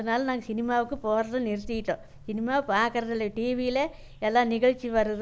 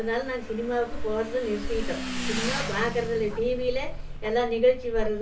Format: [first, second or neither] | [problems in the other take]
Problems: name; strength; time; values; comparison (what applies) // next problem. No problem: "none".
first | background sound (Motorcycle / Engine); 10 dB below the speech // room echo; dies away in 0.3 s